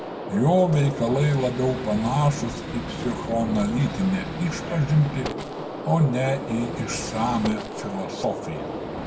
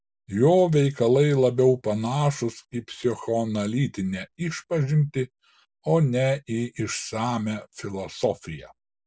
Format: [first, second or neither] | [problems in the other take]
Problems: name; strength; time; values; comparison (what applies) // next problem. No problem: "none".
second | background sound (Gunshot, gunfire); 7 dB below the speech // room echo; dies away in 1 s